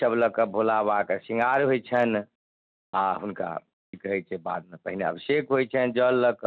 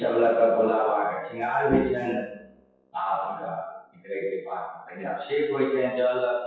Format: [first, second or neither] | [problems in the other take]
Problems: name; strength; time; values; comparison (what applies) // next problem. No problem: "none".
first | noise reduction (classical method WPE with log-MMSE)